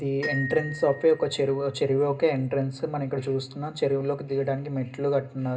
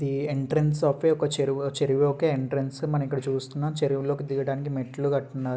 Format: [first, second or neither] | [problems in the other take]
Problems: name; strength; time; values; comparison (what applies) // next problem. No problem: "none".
second | background sound (Glockenspiel); 14 dB below the speech // room echo; dies away in 0.2 s